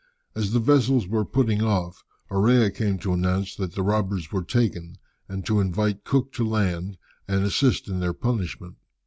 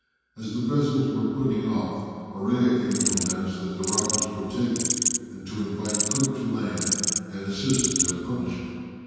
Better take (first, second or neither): first